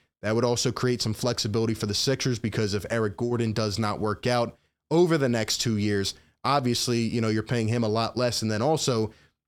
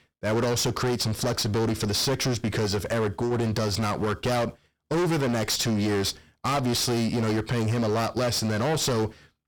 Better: first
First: none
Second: distortion; heavy; 27% of the sound clipped

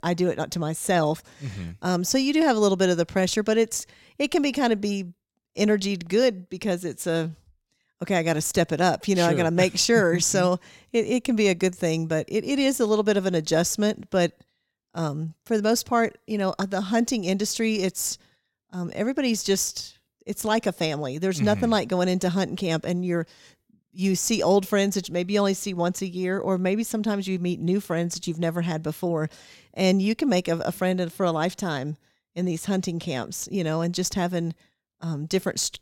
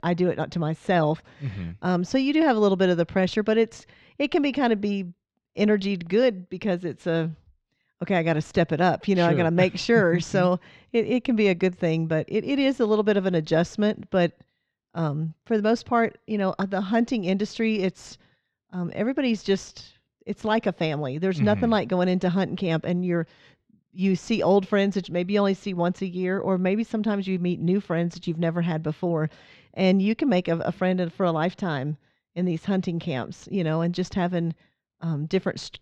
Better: first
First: none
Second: muffled; slightly; fading above 3.5 kHz

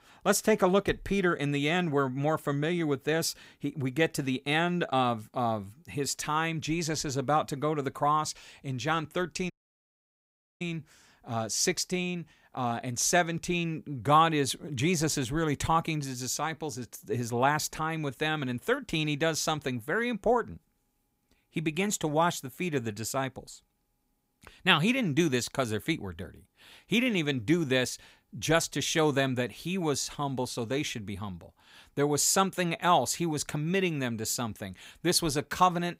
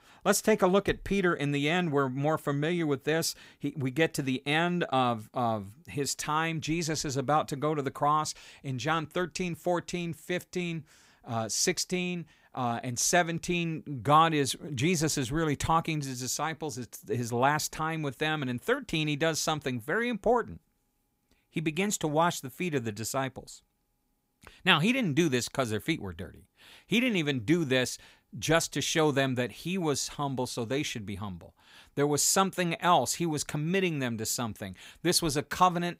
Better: second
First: audio cutting out; at 9.5 s for 1 s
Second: none

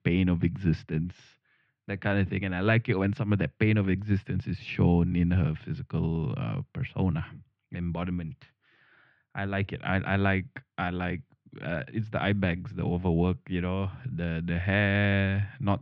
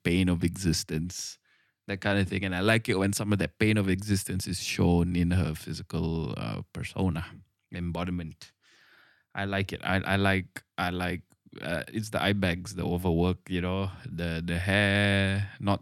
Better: second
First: muffled; very; fading above 3 kHz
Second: none

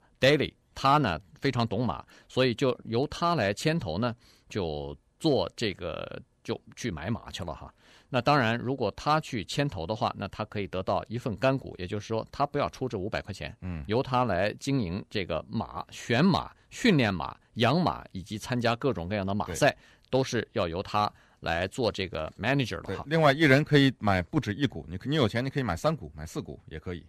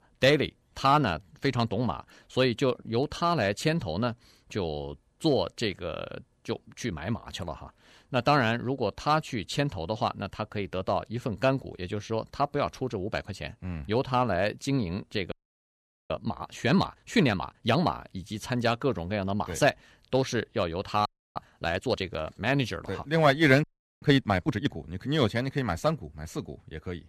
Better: first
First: none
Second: audio freezing; at 15 s for 1 s, at 21 s and at 24 s

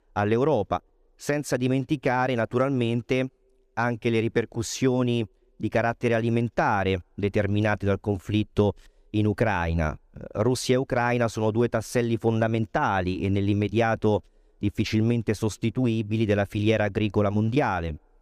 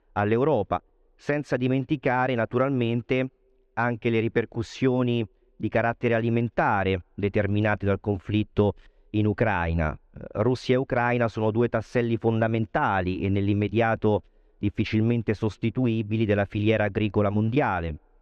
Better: first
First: none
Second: muffled; slightly; fading above 2.5 kHz

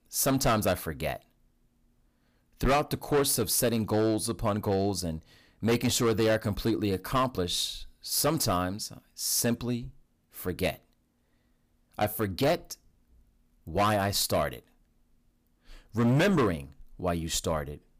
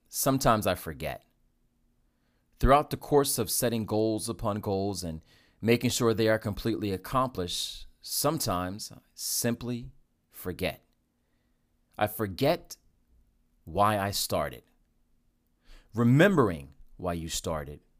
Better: second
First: distortion; heavy; 6% of the sound clipped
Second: none

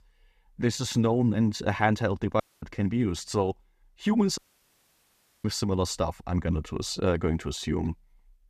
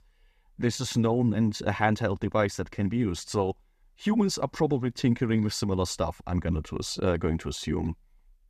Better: second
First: audio cutting out; at 2.5 s and at 4.5 s for 1 s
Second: none

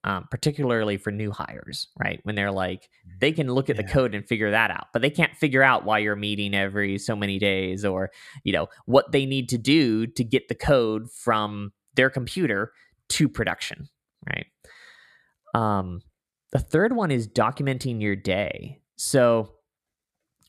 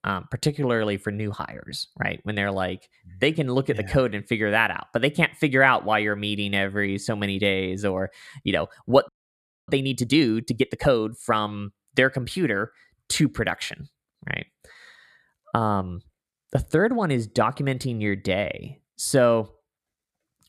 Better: first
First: none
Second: audio freezing; at 9 s for 0.5 s

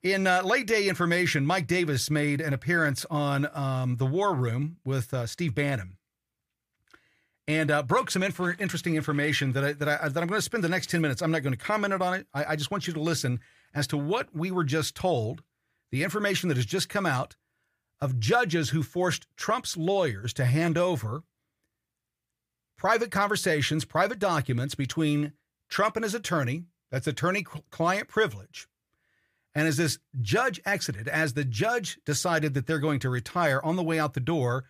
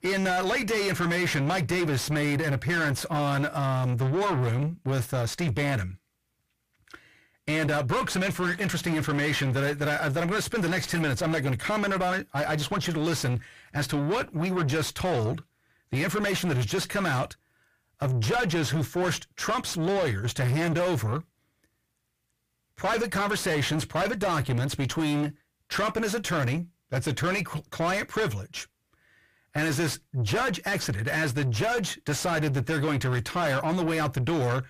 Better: first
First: none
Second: distortion; heavy; 6 dB below the speech

